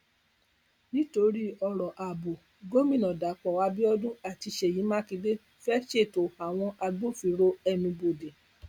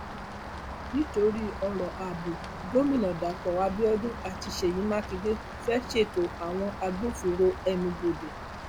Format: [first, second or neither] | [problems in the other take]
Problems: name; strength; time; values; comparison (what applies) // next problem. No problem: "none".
first | background sound (Rain); 9 dB below the speech